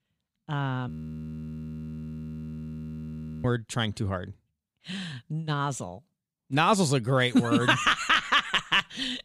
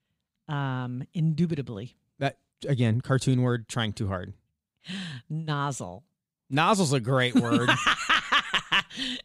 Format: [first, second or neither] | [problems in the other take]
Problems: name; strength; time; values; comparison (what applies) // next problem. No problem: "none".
second | audio freezing; at 1 s for 2.5 s